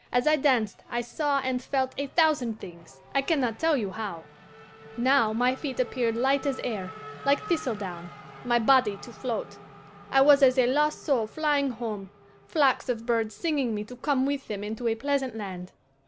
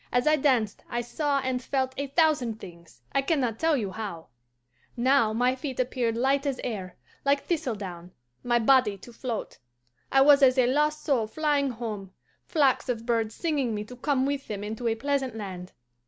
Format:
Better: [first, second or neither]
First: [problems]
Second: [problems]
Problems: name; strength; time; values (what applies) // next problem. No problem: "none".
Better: second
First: background sound (Race car, auto racing / Accelerating, revving, vroom); 20 dB below the speech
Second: none